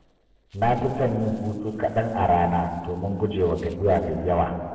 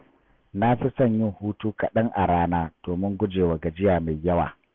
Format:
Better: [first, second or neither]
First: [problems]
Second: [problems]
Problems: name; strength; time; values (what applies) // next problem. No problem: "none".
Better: second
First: noise reduction (neural separator model SepFormer DNS4)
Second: none